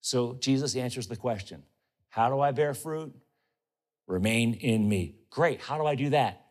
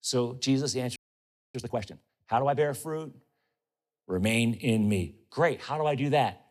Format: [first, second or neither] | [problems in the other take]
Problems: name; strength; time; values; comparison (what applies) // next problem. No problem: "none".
first | audio freezing; at 1 s for 0.5 s